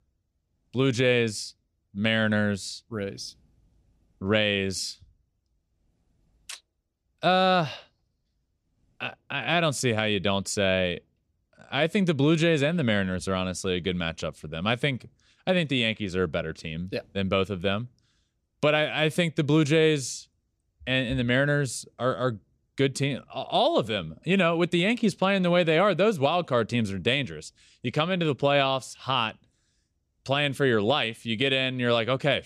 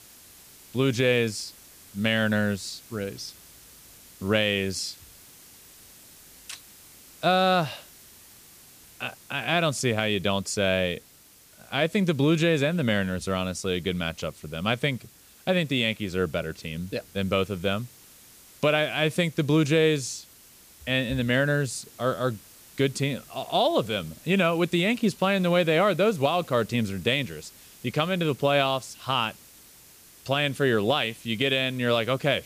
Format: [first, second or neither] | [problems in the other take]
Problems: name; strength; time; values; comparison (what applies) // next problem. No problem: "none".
first | hiss; faint; throughout; 25 dB below the speech